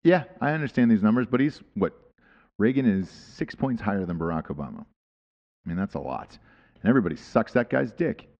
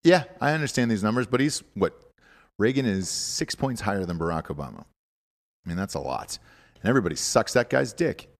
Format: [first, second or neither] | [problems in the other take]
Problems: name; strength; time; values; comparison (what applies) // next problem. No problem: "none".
second | muffled; very; fading above 3 kHz